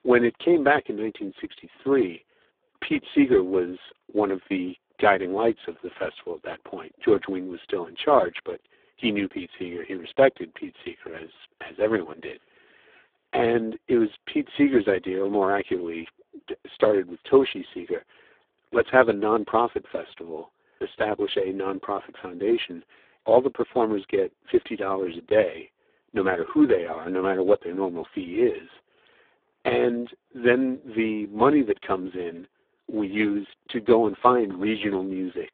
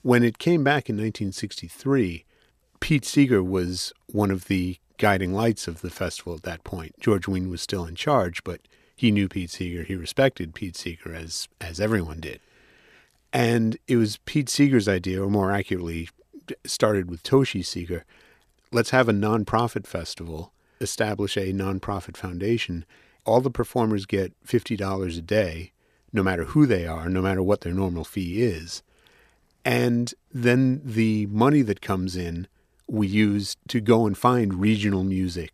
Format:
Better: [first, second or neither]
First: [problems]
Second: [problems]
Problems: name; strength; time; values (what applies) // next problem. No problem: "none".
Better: second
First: phone-call audio; poor line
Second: none